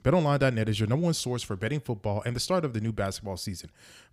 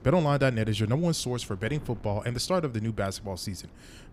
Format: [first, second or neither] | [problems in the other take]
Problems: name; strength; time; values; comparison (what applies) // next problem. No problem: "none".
first | wind noise on the microphone; occasional gusts; 25 dB below the speech